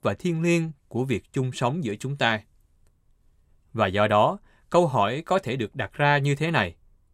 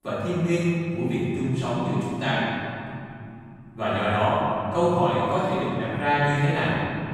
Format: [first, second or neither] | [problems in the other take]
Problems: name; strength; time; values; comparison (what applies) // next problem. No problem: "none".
first | off-mic speech; far // room echo; strong; dies away in 2.8 s